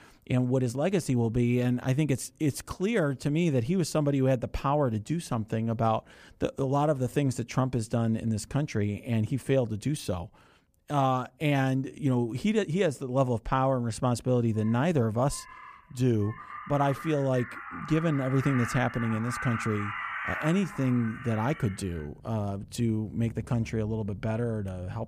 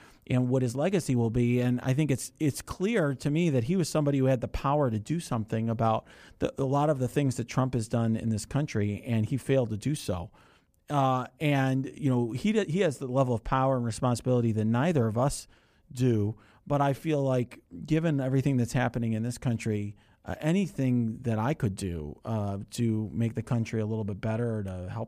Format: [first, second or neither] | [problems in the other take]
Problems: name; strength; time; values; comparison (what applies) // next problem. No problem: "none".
second | animal sounds; noticeable; from 14 s on; 10 dB below the speech